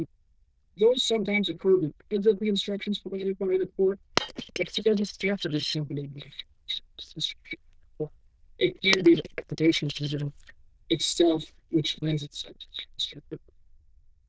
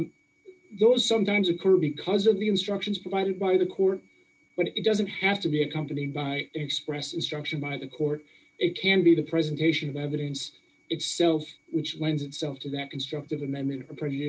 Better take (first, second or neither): second